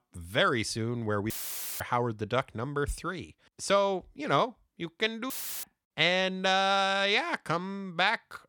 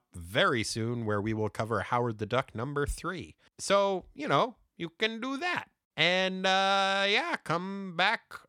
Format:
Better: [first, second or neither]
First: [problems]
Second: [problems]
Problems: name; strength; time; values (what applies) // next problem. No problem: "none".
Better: second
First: audio cutting out; filled with static; at 1.5 s for 0.5 s and at 5.5 s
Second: none